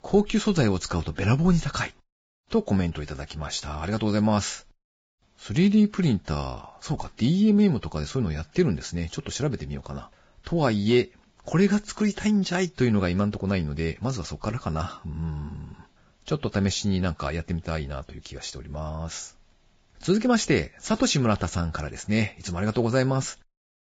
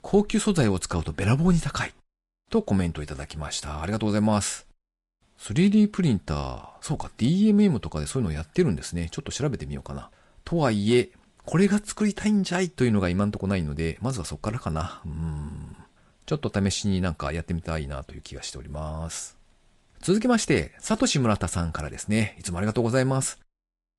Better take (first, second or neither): second